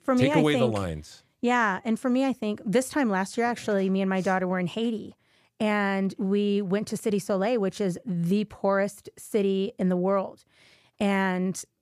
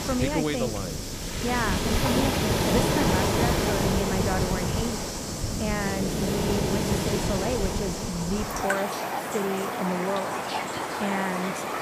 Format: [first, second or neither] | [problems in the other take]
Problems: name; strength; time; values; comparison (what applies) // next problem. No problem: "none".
first | rain or running water; very loud; throughout; 3 dB above the speech